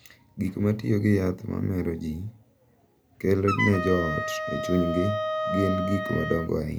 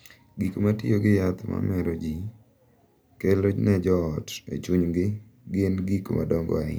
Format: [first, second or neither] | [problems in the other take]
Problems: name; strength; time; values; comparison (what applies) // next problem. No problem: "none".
second | background sound (Wind instrument, woodwind instrument); 3 dB below the speech